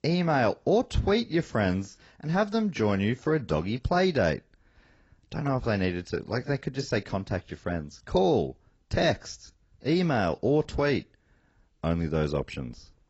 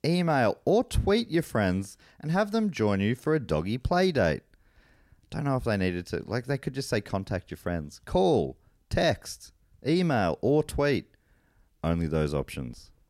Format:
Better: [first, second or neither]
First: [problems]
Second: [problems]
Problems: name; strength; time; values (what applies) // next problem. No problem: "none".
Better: second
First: garbled, watery; badly; nothing above 8 kHz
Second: none